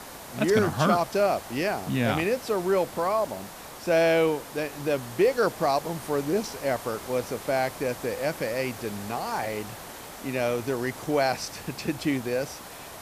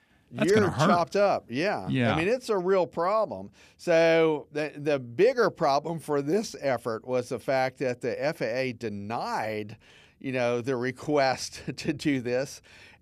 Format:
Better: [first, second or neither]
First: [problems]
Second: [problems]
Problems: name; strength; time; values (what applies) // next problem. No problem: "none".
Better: second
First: hiss; noticeable; throughout; 15 dB below the speech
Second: none